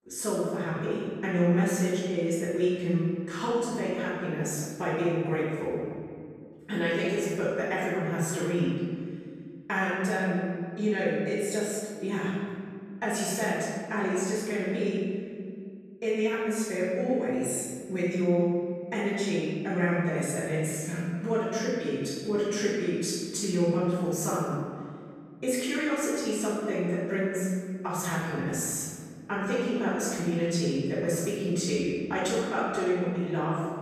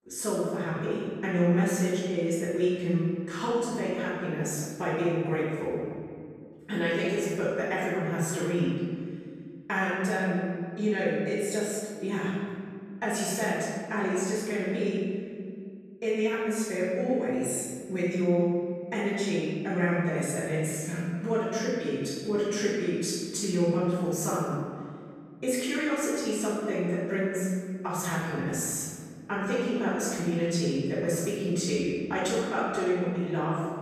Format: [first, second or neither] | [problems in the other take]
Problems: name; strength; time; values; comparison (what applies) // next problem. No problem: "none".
neither | off-mic speech; far; the same in both // room echo; strong; dies away in 1.9 s; the same in both